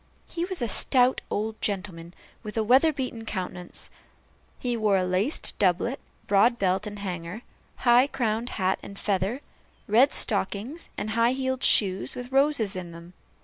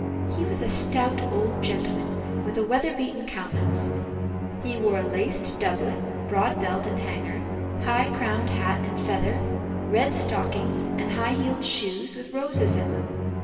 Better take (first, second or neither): first